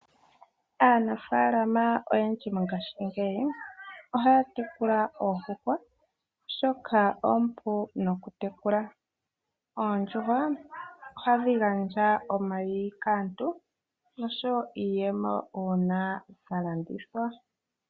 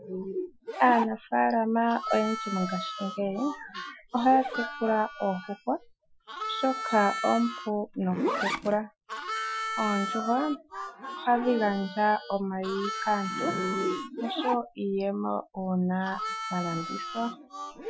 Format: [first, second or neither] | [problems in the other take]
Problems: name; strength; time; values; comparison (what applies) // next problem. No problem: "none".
first | noise reduction (classical method Wiener filter)